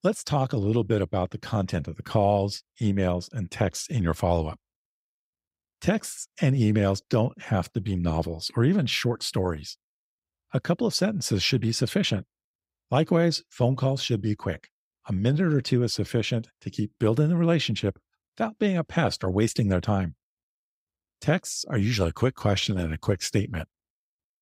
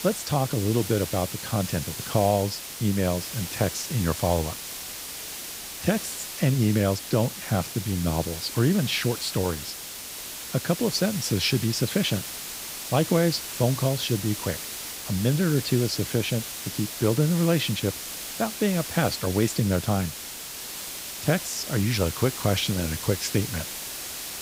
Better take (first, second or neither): first